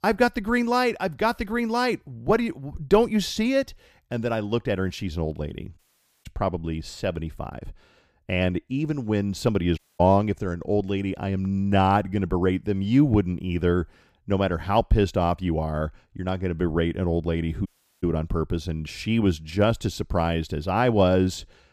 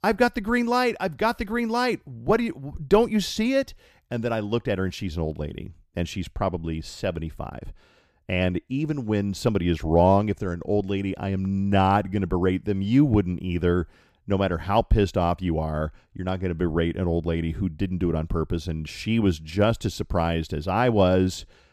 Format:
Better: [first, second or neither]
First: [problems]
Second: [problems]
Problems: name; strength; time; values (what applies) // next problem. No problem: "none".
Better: second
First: audio cutting out; at 6 s, at 10 s and at 18 s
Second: none